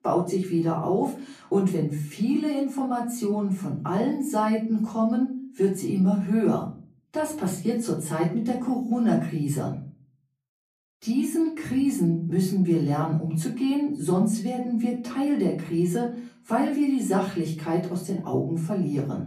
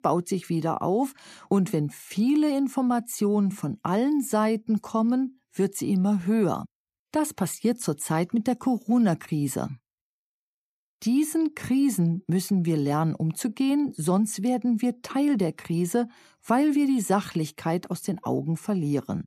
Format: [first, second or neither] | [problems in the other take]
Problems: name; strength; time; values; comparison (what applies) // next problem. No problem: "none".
second | off-mic speech; far // room echo; slight; dies away in 0.5 s